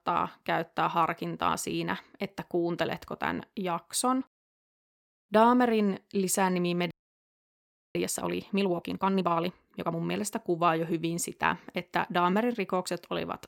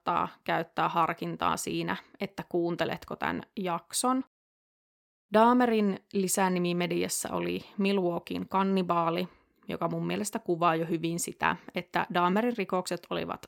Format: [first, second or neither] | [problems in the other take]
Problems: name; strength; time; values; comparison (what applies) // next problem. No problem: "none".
second | audio freezing; at 7 s for 1 s